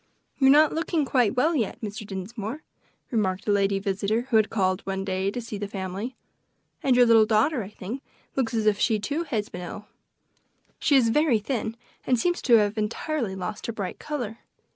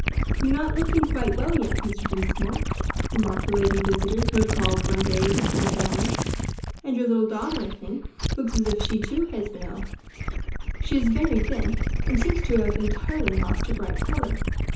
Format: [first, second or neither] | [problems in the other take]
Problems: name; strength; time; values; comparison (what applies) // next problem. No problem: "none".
first | background sound (Gurgling / Liquid); 2 dB above the speech // room echo; dies away in 0.6 s